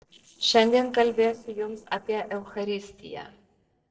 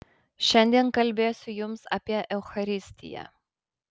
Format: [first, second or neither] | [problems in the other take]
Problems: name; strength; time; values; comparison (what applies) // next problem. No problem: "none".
second | noise reduction (neural separator model SepFormer DNS4)